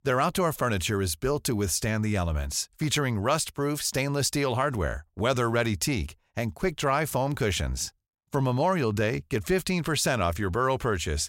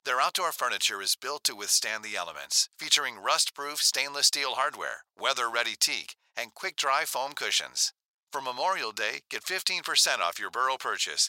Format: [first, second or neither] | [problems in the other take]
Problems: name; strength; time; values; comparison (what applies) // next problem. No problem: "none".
first | thin; very; fading below 900 Hz